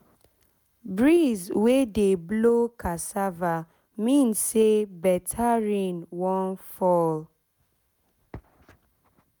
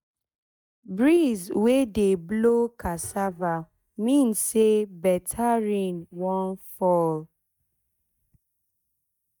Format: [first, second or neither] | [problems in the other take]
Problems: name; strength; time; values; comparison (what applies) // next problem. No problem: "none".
first | noise reduction (neural mask model DeepFilterNet 3)